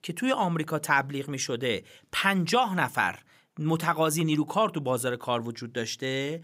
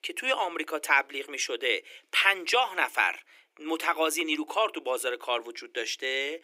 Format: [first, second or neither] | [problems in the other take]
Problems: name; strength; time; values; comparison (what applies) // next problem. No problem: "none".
first | thin; very; fading below 300 Hz